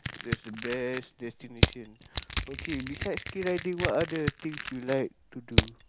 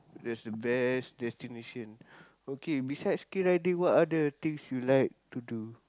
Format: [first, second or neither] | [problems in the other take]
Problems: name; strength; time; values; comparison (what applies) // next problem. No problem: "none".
second | background sound (Crushing); 1 dB above the speech